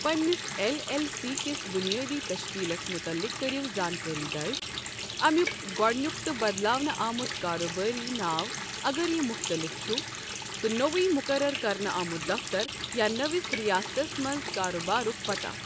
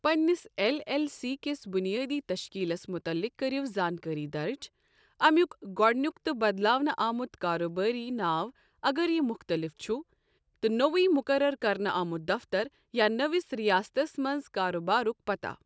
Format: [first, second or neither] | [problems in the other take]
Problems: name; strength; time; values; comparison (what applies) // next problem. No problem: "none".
second | background sound (Water tap, faucet); 6 dB below the speech